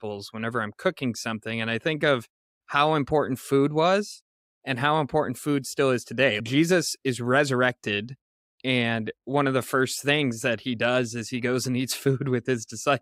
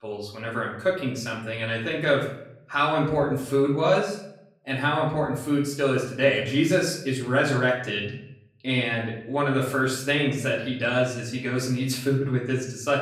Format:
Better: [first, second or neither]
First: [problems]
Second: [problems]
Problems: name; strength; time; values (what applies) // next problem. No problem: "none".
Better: first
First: none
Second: off-mic speech; far // room echo; slight; dies away in 0.6 s